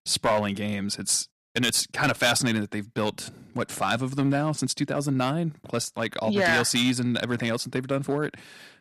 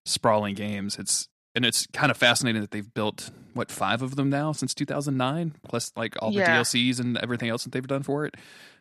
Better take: second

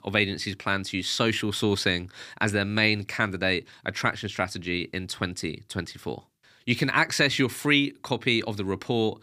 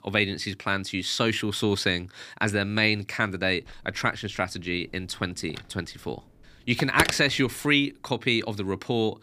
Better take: first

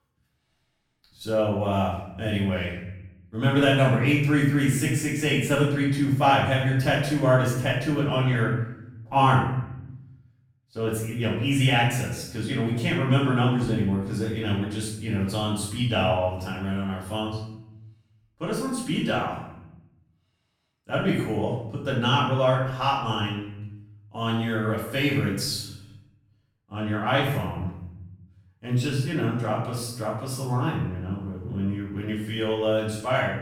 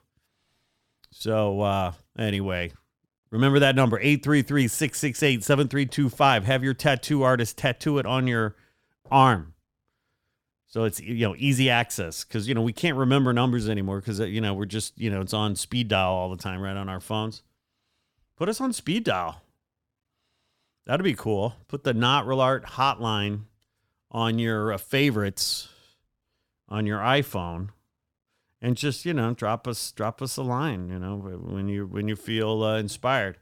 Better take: second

